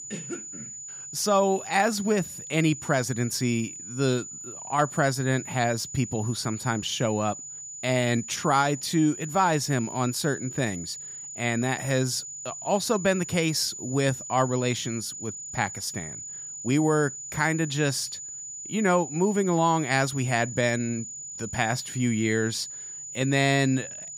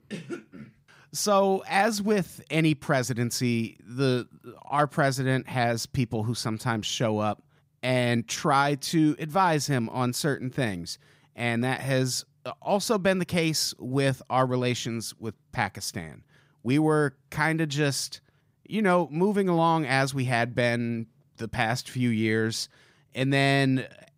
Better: second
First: high-pitched whine; loud; throughout; 7 kHz, 10 dB below the speech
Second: none

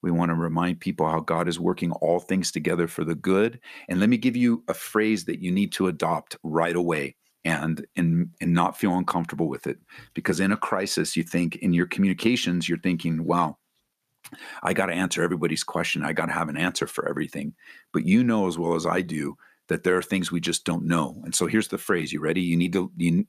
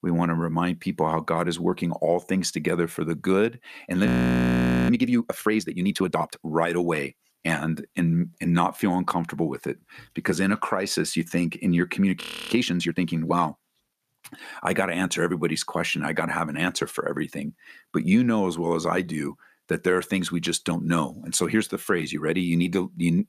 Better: first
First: none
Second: audio freezing; at 4 s for 1 s and at 12 s

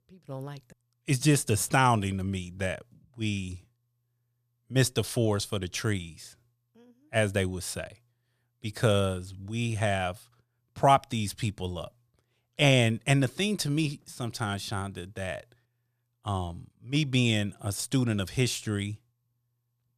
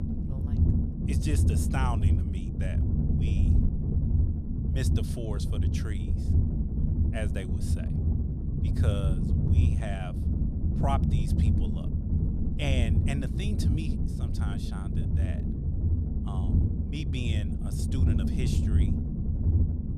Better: first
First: none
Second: low rumble; loud; throughout; as loud as the speech

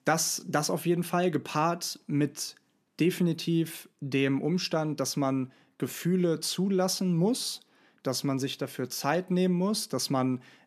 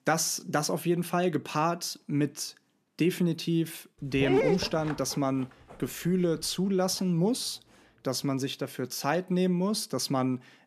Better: first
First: none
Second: dog barking; loud; at 4 s; peak 3 dB above the speech

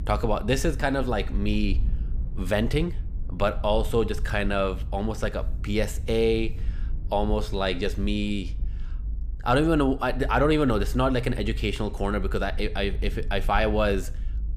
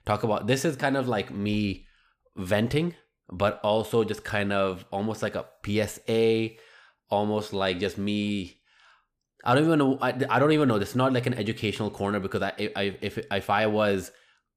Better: second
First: low rumble; faint; throughout; 25 dB below the speech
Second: none

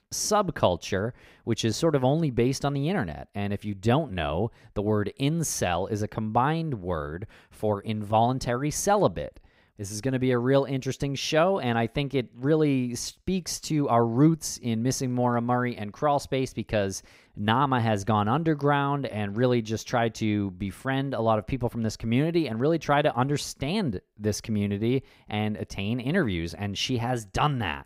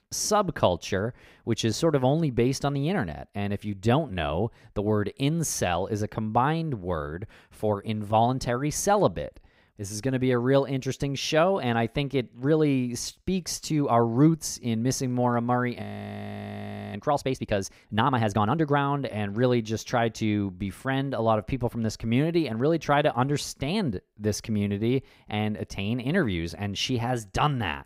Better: first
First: none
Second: audio freezing; at 16 s for 1 s

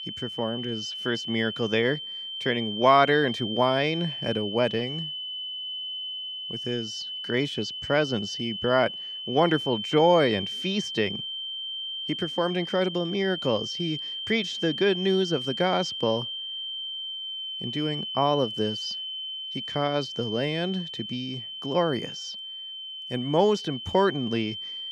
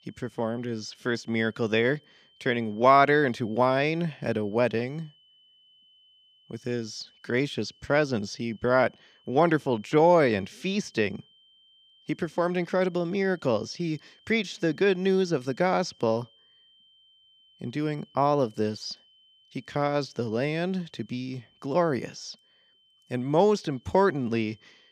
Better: second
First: high-pitched whine; loud; throughout; 3 kHz, 6 dB below the speech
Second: high-pitched whine; faint; throughout; 3 kHz, 30 dB below the speech

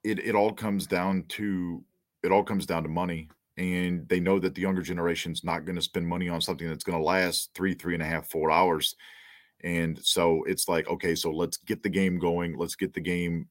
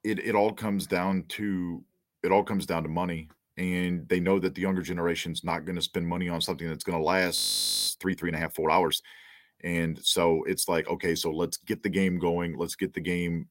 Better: first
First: none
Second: audio freezing; at 7.5 s for 0.5 s

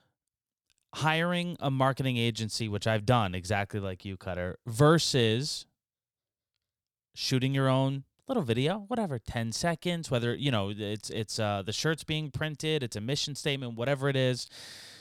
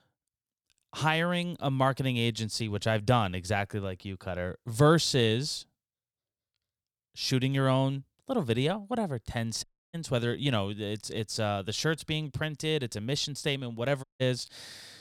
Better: first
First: none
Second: audio cutting out; at 9.5 s and at 14 s

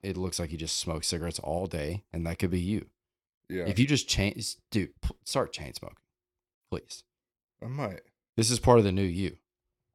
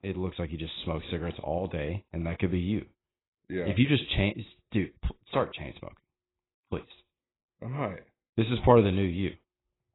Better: first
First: none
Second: garbled, watery; badly; nothing above 4 kHz

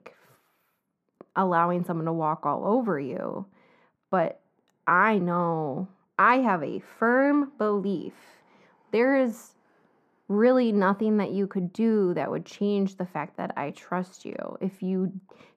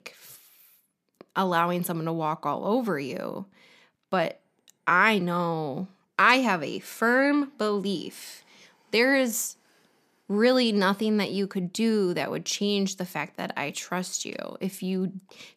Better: second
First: muffled; very; fading above 2 kHz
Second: none

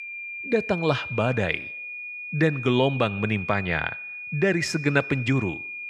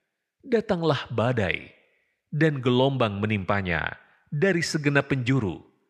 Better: second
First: high-pitched whine; loud; throughout; 2.5 kHz, 8 dB below the speech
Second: none

